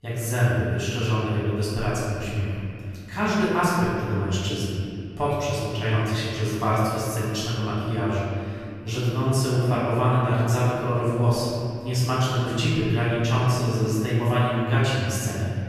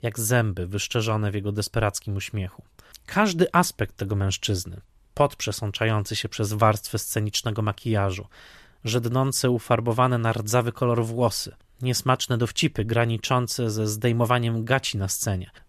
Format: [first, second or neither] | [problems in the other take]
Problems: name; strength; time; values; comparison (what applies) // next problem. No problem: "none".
second | room echo; strong; dies away in 2.8 s // off-mic speech; far